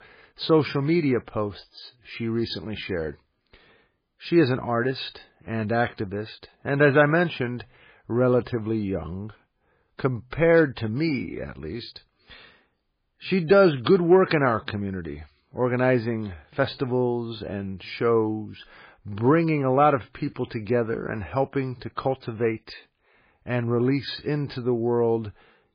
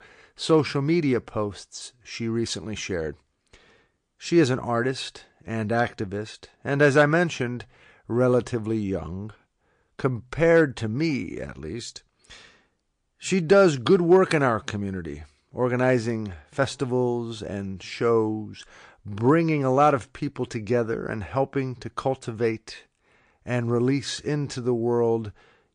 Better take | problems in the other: second | garbled, watery; badly; nothing above 4.5 kHz; slightly in the second

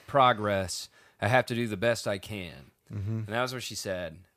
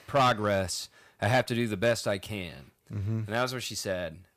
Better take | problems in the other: first | distortion; slight; 3% of the sound clipped

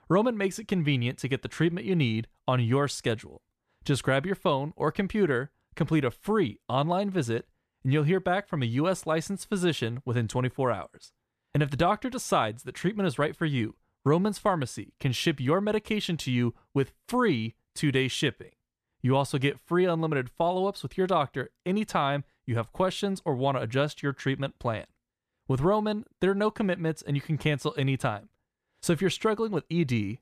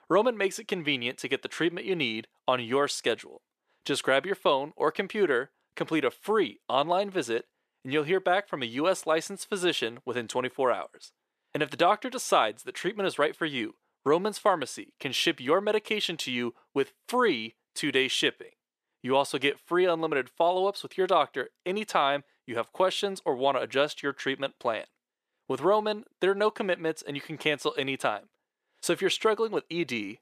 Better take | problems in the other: first | thin; somewhat; fading below 400 Hz

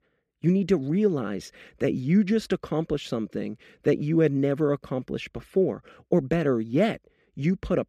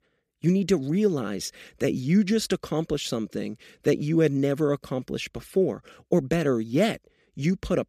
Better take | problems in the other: second | muffled; slightly; fading above 3.5 kHz

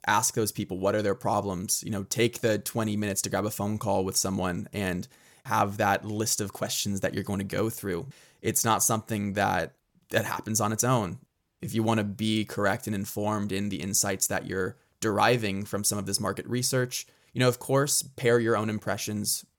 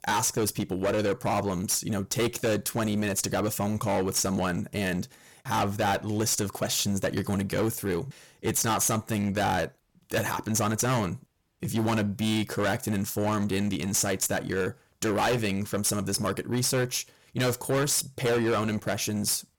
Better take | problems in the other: first | distortion; heavy; 15% of the sound clipped

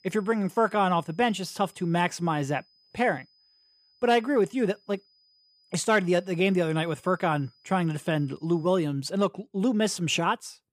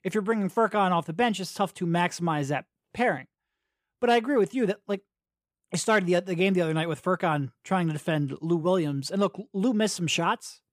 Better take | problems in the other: second | high-pitched whine; faint; until 9 s; 5 kHz, 35 dB below the speech

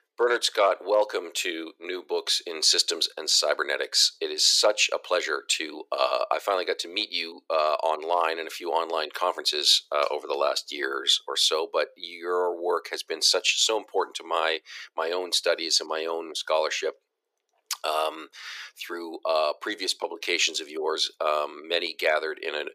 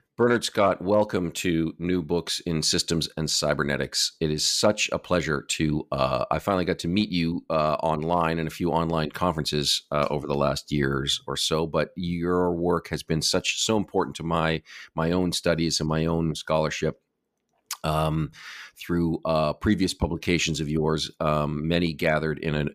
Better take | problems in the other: second | thin; very; fading below 400 Hz

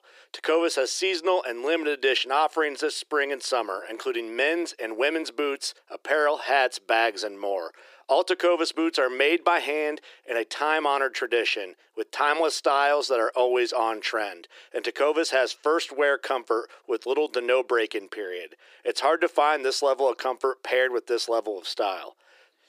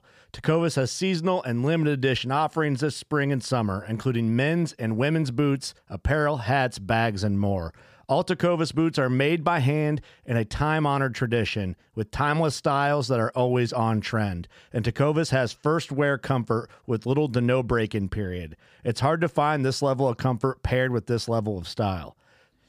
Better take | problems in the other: second | thin; very; fading below 350 Hz

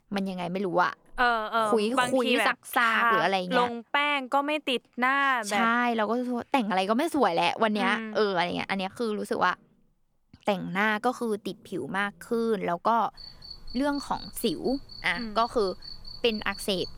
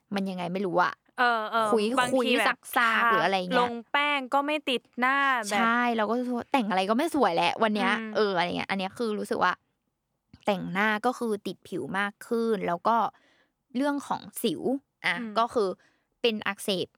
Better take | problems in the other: second | animal sounds; noticeable; throughout; 20 dB below the speech

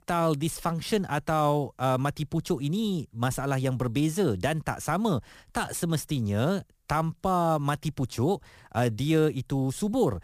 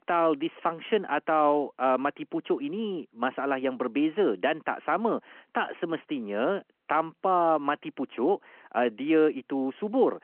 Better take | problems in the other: first | phone-call audio

